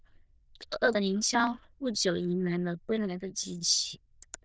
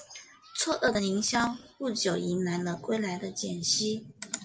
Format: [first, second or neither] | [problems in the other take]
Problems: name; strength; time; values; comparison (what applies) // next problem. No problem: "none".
second | noise reduction (neural diffusion model UNIVERSE++)